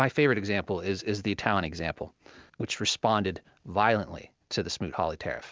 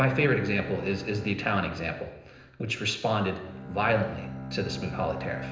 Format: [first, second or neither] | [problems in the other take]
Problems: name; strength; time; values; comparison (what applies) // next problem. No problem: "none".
first | background sound (Bowed string instrument); 11 dB below the speech // room echo; dies away in 0.9 s